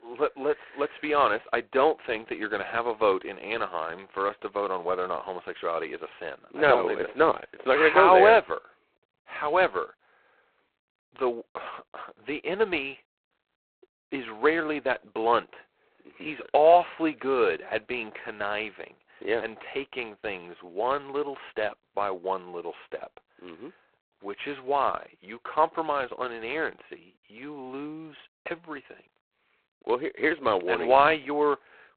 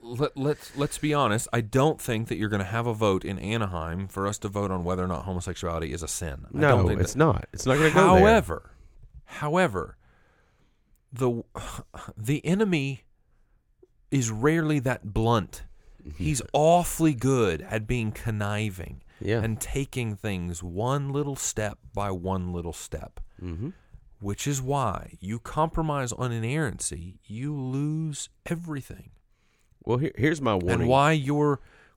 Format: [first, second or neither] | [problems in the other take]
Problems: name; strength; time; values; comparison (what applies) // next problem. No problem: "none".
second | phone-call audio; poor line; nothing above 4 kHz